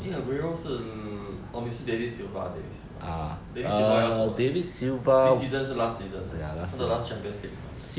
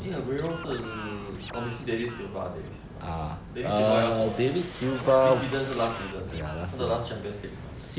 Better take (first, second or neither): first